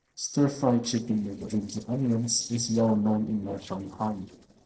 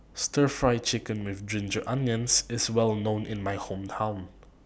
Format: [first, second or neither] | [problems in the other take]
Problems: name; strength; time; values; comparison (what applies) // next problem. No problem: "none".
second | noise reduction (neural separator model SepFormer DNS4)